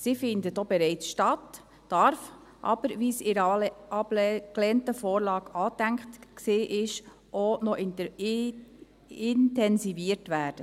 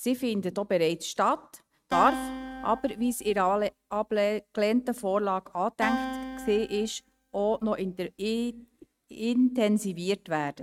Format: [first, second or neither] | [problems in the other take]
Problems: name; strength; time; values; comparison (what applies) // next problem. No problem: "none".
first | noise reduction (neural mask model RNNoise)